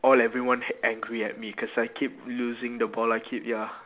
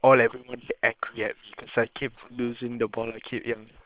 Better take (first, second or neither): first